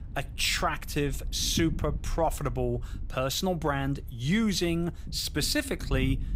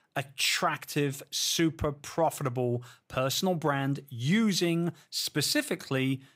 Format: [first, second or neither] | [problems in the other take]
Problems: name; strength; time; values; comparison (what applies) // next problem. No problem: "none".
second | low rumble; faint; throughout; 20 dB below the speech